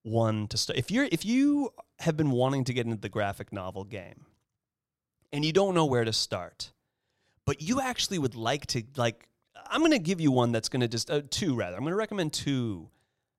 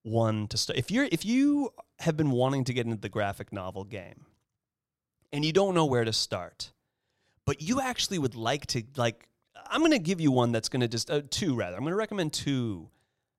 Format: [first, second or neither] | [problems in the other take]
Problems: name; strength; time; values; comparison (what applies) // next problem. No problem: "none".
neither | none